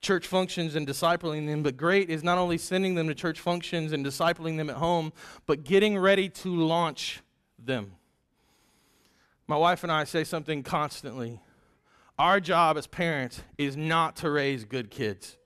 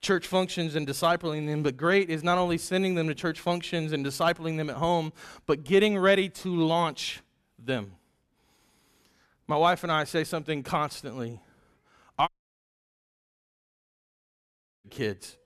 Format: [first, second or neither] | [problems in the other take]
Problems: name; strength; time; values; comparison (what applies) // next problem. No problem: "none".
first | audio cutting out; at 12 s for 2.5 s